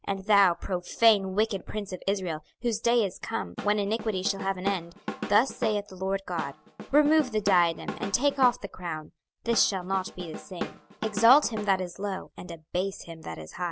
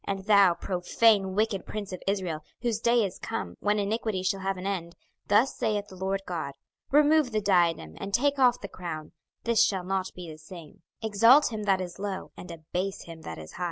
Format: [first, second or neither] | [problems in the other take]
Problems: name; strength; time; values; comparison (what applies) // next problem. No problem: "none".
second | background sound (Drum / Drum kit); 10 dB below the speech